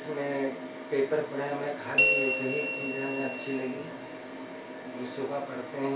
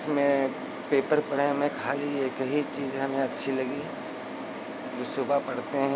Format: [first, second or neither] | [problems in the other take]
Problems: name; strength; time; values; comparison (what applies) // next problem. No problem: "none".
second | background sound (Bell); 1 dB above the speech // room echo; dies away in 0.3 s